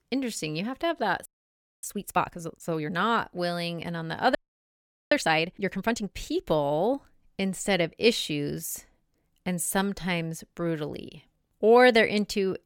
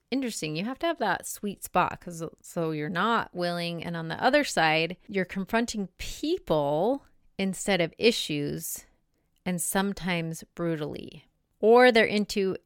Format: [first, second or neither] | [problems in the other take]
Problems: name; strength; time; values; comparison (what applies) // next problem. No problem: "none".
second | audio freezing; at 1.5 s for 0.5 s and at 4.5 s for 1 s